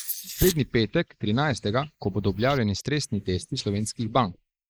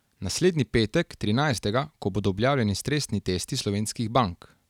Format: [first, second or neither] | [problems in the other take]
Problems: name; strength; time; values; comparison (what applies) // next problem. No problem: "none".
second | noise reduction (neural mask model Resemble Enhance denoiser)